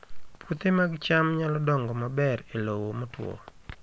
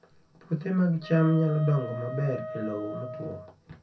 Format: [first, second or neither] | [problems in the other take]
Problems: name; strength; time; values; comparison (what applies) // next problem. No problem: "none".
first | background sound (Wind instrument, woodwind instrument); 11 dB below the speech // room echo; dies away in 0.3 s